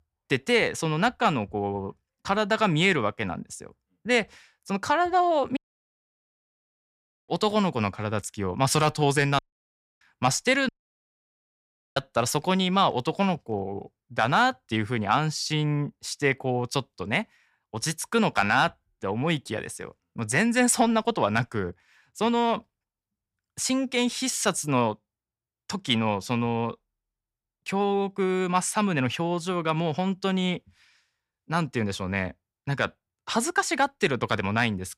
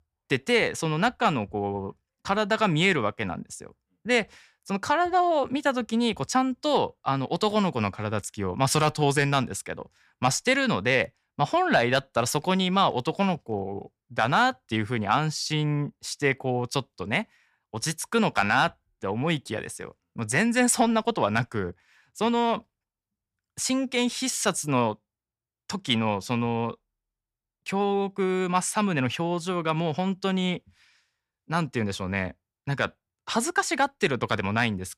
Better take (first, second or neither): second